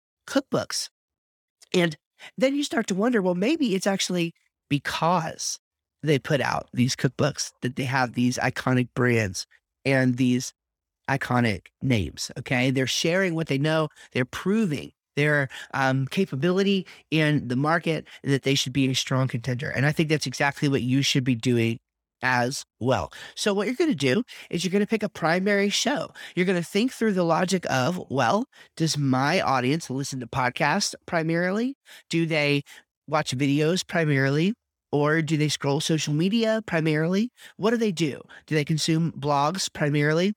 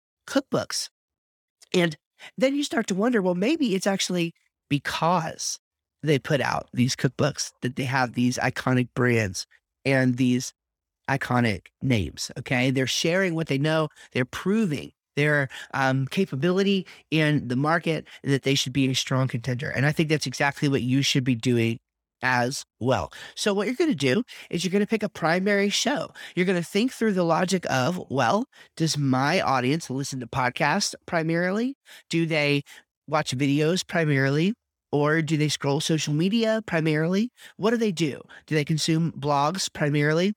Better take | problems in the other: neither | none

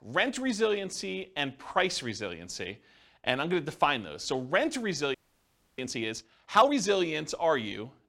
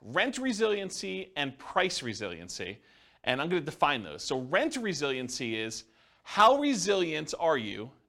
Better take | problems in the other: second | audio freezing; at 5 s for 0.5 s

